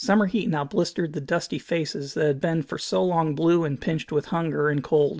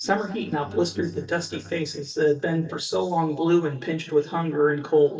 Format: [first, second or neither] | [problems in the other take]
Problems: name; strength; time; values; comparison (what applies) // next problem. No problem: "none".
first | noise reduction (neural mask model DeepFilterNet 3)